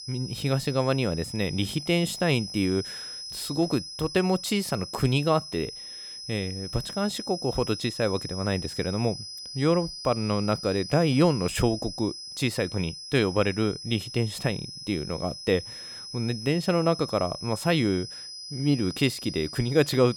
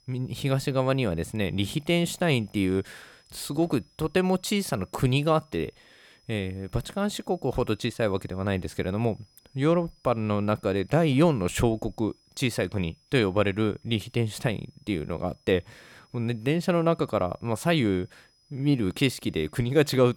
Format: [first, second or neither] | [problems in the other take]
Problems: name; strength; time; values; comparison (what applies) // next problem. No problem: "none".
second | high-pitched whine; loud; throughout; 5 kHz, 10 dB below the speech; faint in the second